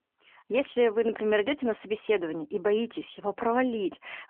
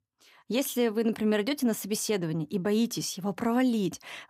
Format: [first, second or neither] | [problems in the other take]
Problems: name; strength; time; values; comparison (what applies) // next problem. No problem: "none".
second | phone-call audio; nothing above 3 kHz